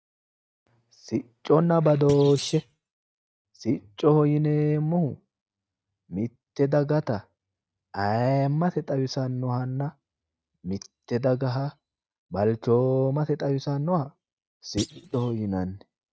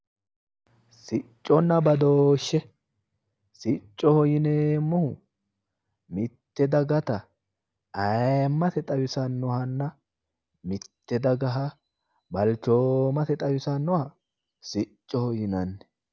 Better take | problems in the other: second | noise reduction (neural mask model RNNoise)

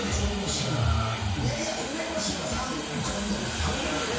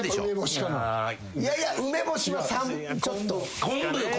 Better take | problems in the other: second | background sound (Hiss); 6 dB below the speech // room echo; dies away in 0.6 s

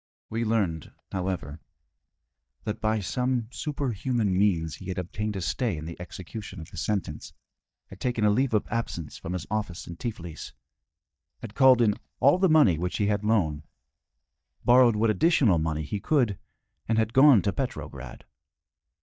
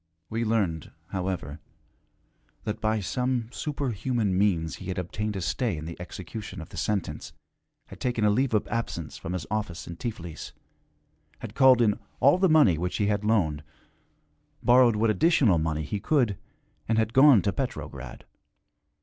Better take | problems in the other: second | noise reduction (neural mask model DeepFilterNet 3)

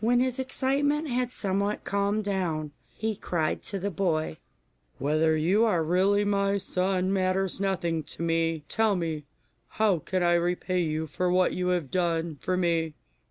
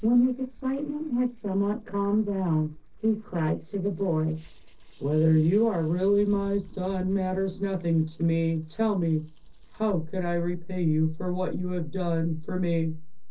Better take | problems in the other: first | noise reduction (neural separator model SepFormer DNS4)

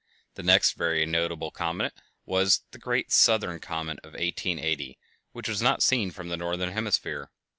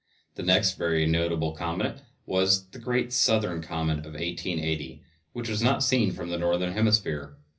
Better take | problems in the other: first | room echo; dies away in 0.4 s

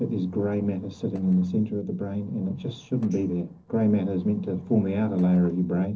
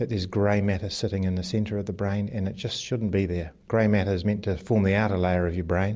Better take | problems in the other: second | noise reduction (neural separator model SepFormer DNS4)

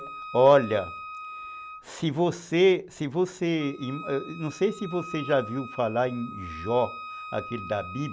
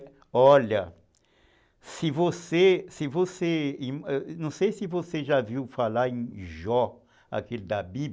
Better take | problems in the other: second | background sound (Wind instrument, woodwind instrument); 14 dB below the speech

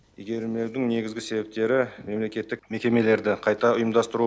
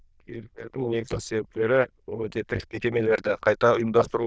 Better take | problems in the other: first | noise reduction (neural diffusion model UNIVERSE++)

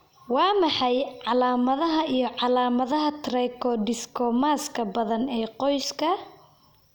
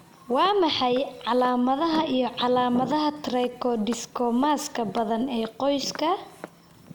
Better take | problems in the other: first | background sound (Walk, footsteps); 17 dB below the speech

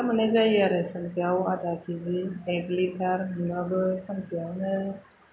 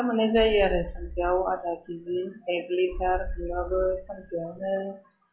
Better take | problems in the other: first | noise reduction (classical method log-MMSE)

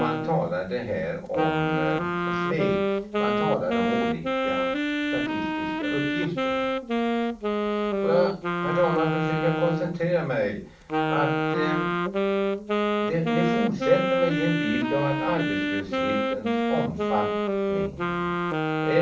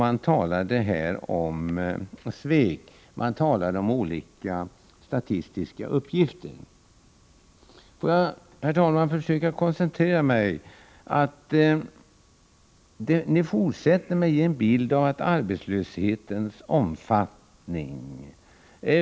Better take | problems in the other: second | background sound (Wind instrument, woodwind instrument); 3 dB above the speech // room echo; dies away in 0.3 s

